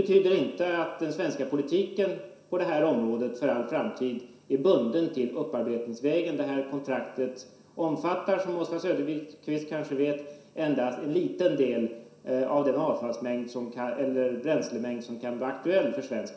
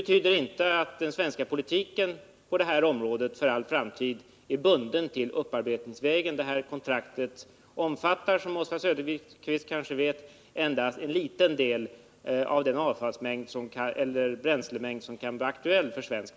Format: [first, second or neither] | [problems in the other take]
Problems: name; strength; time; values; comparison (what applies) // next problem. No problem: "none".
second | room echo; dies away in 0.7 s